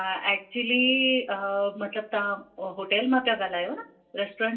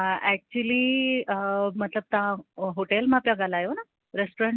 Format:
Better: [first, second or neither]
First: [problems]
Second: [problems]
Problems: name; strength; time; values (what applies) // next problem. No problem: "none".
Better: second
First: room echo; dies away in 0.2 s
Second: none